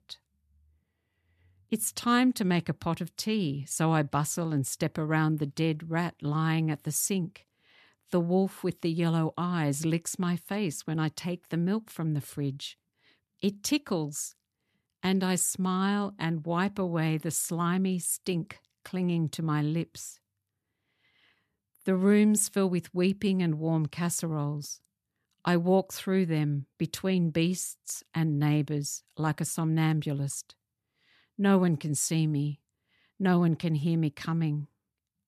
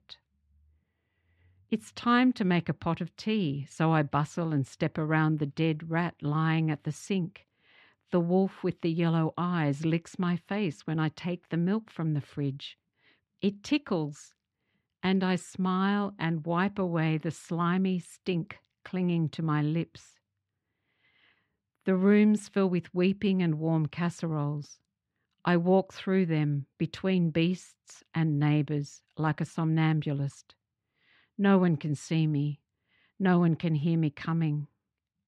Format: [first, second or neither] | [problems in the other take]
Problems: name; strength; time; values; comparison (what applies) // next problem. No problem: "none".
first | muffled; slightly; fading above 3 kHz